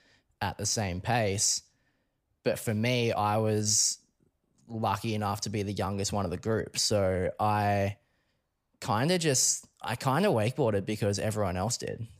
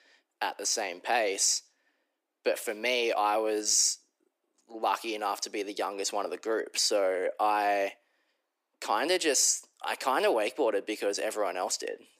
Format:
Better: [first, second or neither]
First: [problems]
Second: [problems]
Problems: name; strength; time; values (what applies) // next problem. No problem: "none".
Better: first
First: none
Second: thin; very; fading below 300 Hz